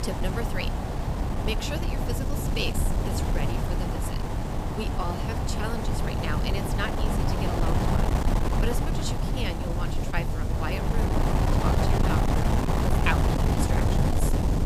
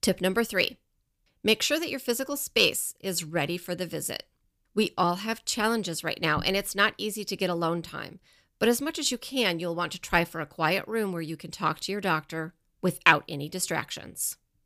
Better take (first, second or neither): second